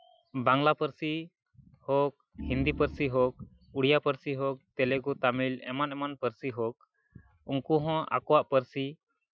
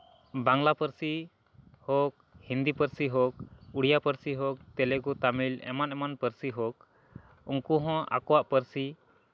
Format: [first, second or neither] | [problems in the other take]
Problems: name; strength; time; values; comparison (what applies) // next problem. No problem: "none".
second | noise reduction (classical method Wiener filter)